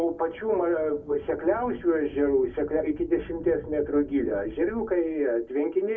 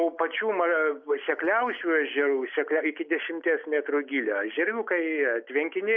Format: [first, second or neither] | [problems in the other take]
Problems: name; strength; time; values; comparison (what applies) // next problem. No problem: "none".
second | background sound (Thunder / Rain); 19 dB below the speech // room echo; dies away in 0.4 s